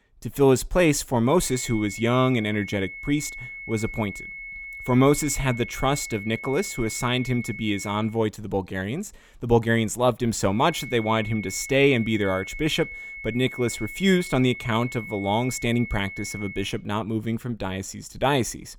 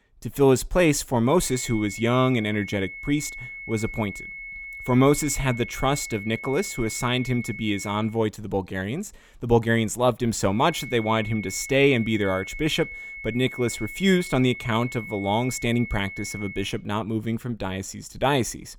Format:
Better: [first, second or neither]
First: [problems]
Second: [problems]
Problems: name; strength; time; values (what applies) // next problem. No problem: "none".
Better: neither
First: high-pitched whine; noticeable; from 1.5 to 8 s and from 11 to 17 s; 2 kHz, 10 dB below the speech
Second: high-pitched whine; noticeable; from 1.5 to 8 s and from 11 to 17 s; 2 kHz, 10 dB below the speech